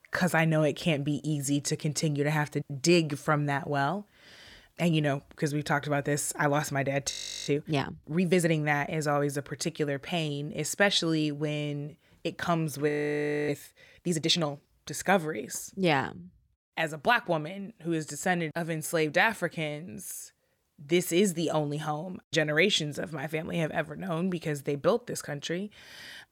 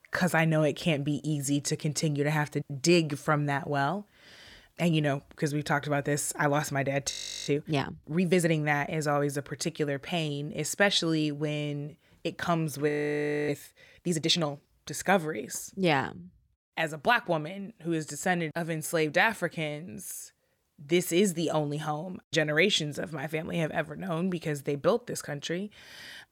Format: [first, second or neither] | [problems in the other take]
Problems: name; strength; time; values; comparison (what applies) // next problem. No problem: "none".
neither | audio freezing; at 7 s and at 13 s for 0.5 s; the same in both